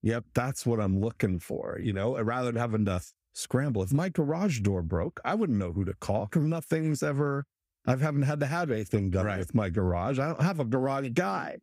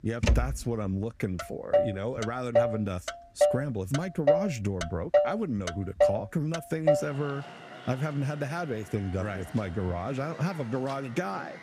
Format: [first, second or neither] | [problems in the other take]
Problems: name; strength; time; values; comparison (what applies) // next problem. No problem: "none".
first | traffic noise; very loud; throughout; 3 dB above the speech